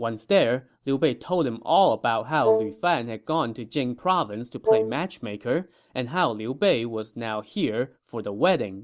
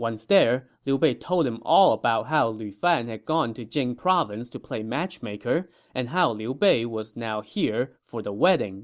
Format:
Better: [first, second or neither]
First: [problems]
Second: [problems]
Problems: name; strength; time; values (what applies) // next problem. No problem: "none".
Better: second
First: background sound (Wind instrument, woodwind instrument); 2 dB above the speech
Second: none